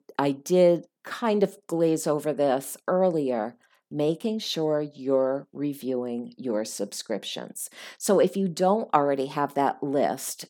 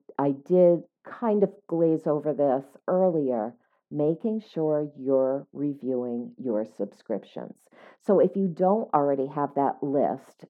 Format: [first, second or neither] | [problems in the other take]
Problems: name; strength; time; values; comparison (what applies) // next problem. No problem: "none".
first | muffled; very; fading above 2.5 kHz